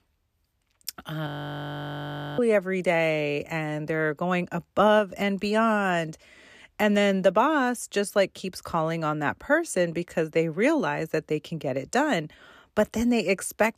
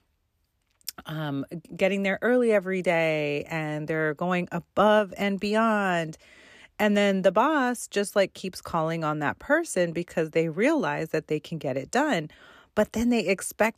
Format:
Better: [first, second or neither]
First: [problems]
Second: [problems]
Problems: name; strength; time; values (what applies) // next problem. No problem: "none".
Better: second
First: audio freezing; at 1.5 s for 1 s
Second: none